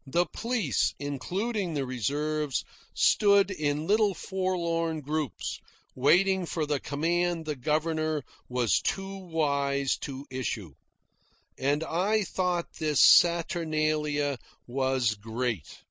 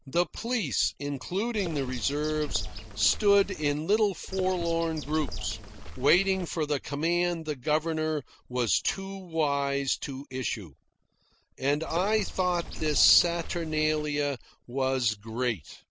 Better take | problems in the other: first | background sound (Bird); 7 dB below the speech

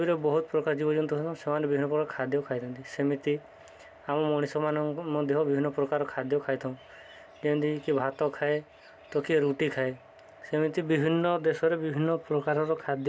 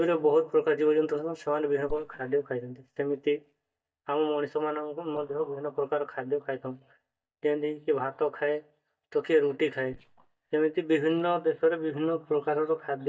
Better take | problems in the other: first | noise reduction (neural mask model DeepFilterNet 3)

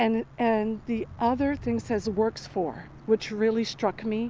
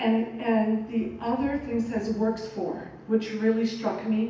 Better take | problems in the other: first | room echo; dies away in 0.9 s

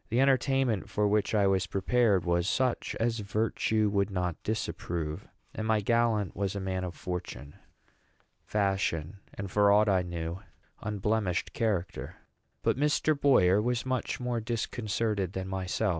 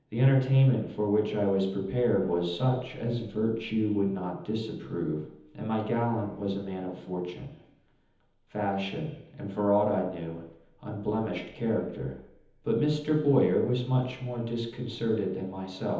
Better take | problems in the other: first | room echo; dies away in 1.3 s

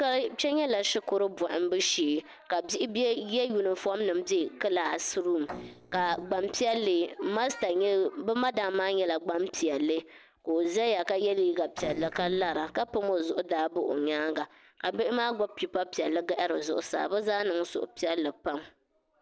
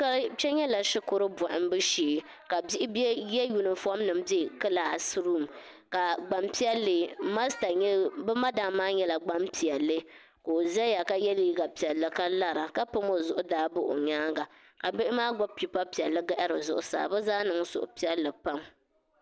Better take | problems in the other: second | noise reduction (neural separator model SepFormer DNS4)

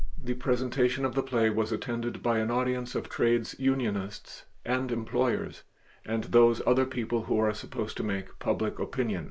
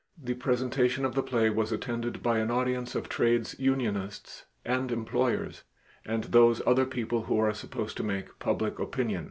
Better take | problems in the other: second | noise reduction (neural mask model Resemble Enhance denoiser)

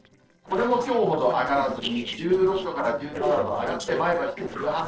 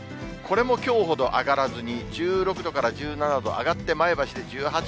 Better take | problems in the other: second | noise reduction (neural separator model SepFormer DNS4)

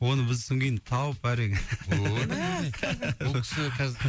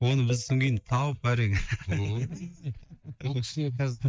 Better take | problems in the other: first | noise reduction (neural mask model DeepFilterNet 3)

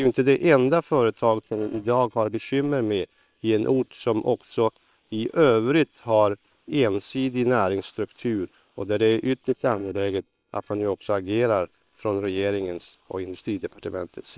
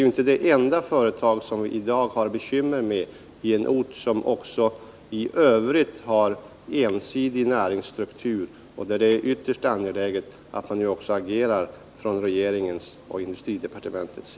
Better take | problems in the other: second | noise reduction (neural separator model SepFormer WHAM!)

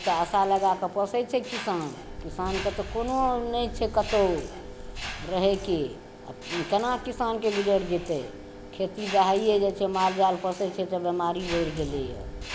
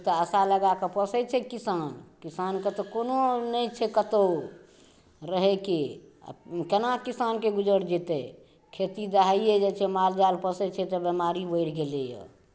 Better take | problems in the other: second | background sound (Wind + Mechanisms); 11 dB below the speech

